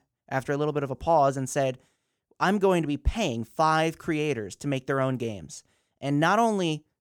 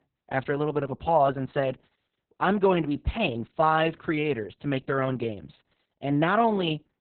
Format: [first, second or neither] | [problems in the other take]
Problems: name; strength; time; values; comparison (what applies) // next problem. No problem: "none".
first | garbled, watery; badly